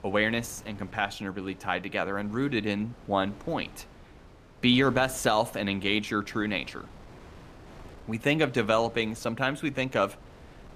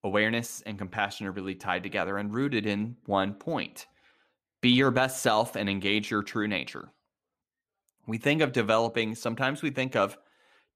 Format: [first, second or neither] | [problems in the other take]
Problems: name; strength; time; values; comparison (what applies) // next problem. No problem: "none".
second | wind noise on the microphone; occasional gusts; 25 dB below the speech